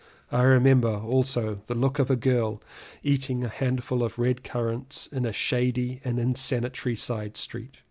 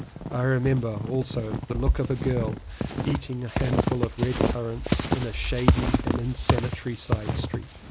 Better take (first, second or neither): first